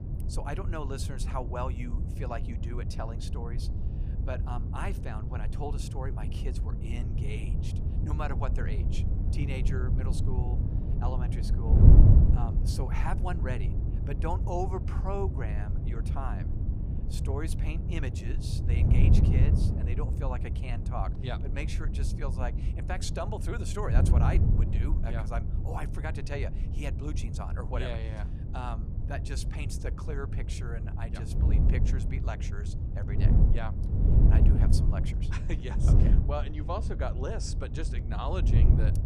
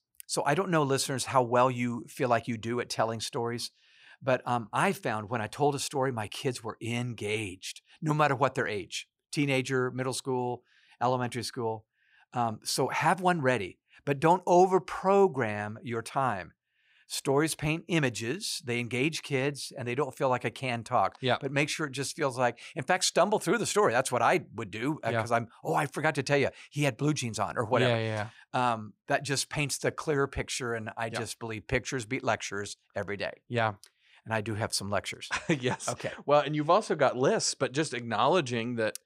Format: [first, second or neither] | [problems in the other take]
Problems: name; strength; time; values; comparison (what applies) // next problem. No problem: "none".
second | wind noise on the microphone; heavy; 3 dB below the speech